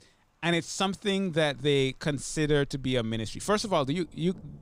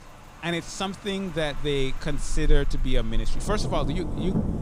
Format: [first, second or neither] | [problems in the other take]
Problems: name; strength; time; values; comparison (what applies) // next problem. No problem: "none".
first | rain or running water; loud; throughout; 3 dB below the speech; faint in the first